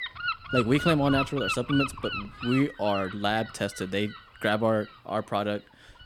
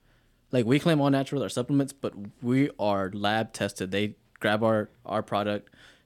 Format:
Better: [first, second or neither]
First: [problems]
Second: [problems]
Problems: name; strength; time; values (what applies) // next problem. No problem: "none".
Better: second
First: wind noise on the microphone; heavy; 2 dB below the speech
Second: none